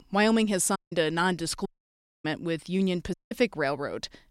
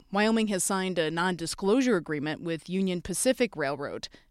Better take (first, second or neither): second